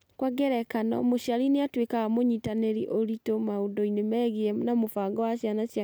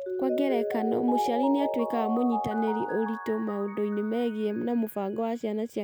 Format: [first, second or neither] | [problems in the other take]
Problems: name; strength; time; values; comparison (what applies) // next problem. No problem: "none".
first | background sound (Mallet percussion); 4 dB below the speech